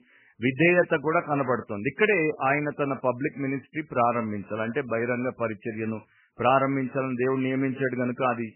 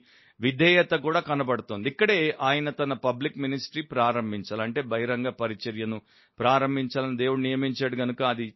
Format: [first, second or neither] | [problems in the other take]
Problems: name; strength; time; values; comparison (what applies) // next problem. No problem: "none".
second | garbled, watery; badly; nothing above 2.5 kHz; slightly in the second